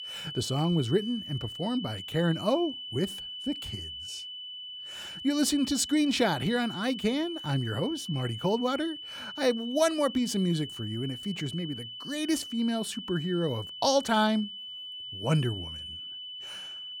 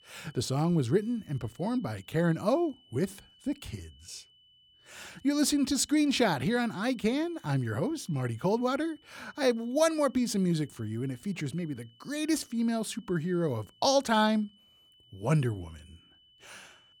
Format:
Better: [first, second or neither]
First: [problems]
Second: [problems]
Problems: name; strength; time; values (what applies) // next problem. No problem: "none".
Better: second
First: high-pitched whine; loud; throughout; 3 kHz, 9 dB below the speech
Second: high-pitched whine; faint; throughout; 3 kHz, 30 dB below the speech